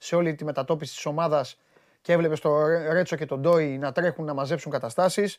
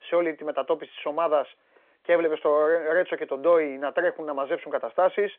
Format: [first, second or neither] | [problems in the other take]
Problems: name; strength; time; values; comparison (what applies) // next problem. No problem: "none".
first | phone-call audio; nothing above 3.5 kHz